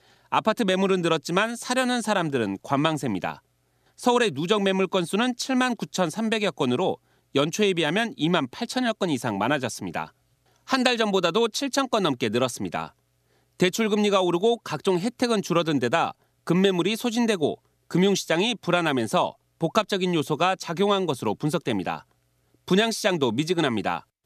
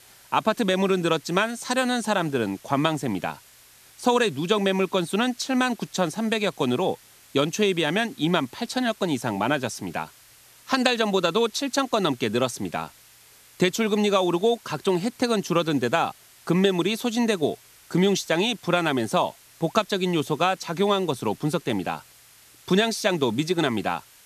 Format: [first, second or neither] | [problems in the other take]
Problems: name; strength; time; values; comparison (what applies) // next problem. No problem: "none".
first | hiss; faint; throughout; 25 dB below the speech